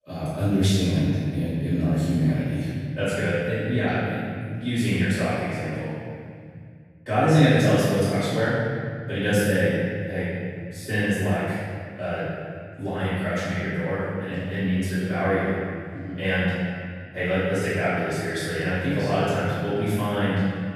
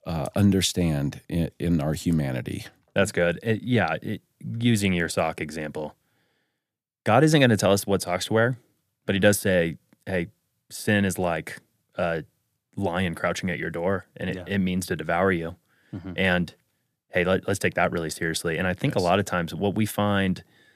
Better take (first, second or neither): second